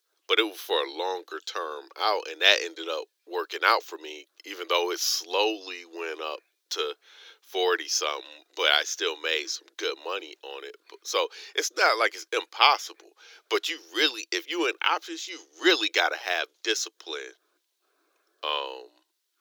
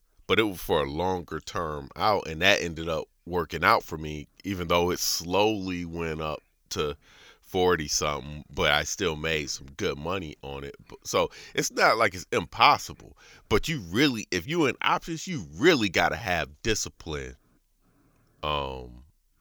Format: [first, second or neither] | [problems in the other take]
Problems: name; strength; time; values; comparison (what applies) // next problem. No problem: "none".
second | thin; very; fading below 350 Hz